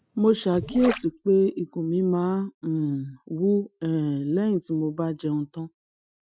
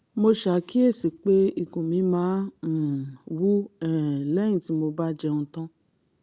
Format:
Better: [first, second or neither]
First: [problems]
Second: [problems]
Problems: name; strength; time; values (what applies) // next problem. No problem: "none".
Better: second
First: noise reduction (classical method Wiener filter)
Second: none